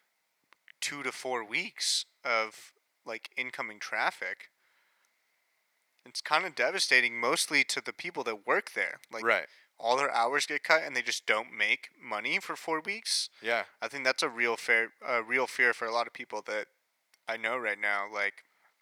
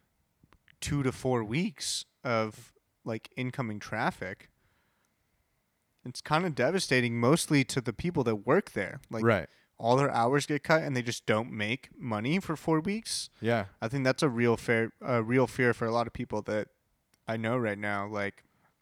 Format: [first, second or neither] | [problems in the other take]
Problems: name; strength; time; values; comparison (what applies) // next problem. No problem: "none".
second | thin; very; fading below 600 Hz